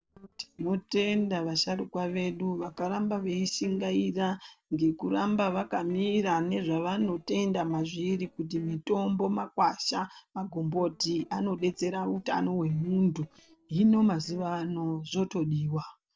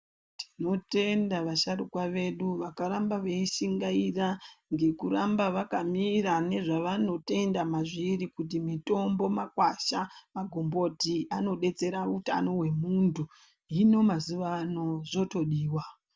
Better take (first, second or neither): second